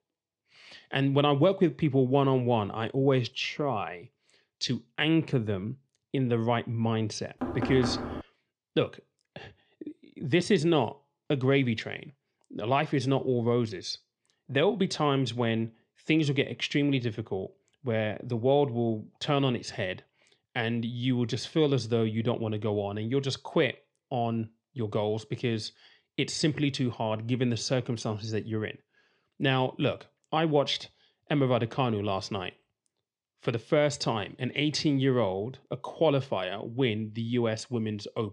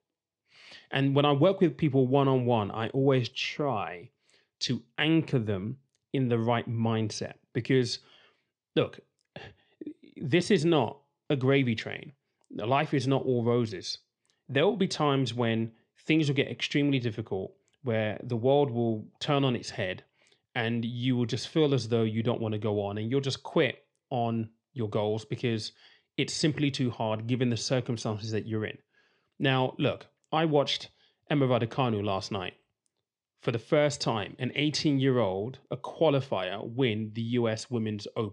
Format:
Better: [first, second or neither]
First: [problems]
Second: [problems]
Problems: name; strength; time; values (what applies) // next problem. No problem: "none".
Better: second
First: door banging; noticeable; at 7.5 s; peak 3 dB below the speech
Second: none